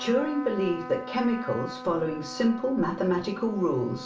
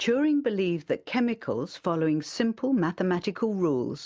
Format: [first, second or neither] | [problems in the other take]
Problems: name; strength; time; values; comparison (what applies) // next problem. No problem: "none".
second | background sound (Trumpet); 12 dB below the speech // room echo; dies away in 0.3 s